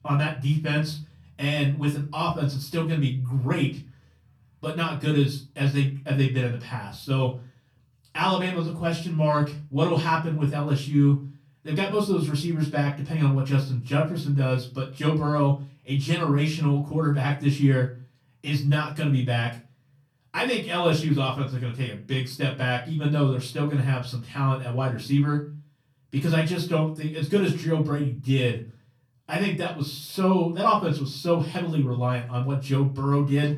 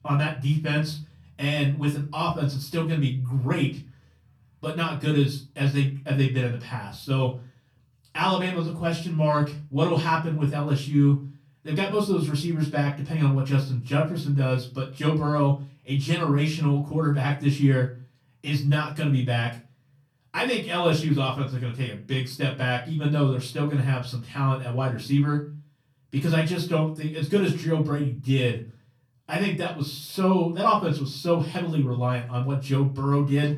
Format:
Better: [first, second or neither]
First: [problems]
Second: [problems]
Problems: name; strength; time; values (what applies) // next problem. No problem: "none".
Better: neither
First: off-mic speech; far // room echo; slight; dies away in 0.3 s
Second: off-mic speech; far // room echo; slight; dies away in 0.3 s